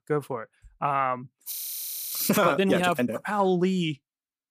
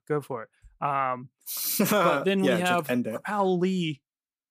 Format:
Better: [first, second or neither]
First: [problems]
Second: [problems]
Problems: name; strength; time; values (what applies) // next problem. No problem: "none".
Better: second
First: audio freezing; at 1.5 s for 0.5 s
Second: none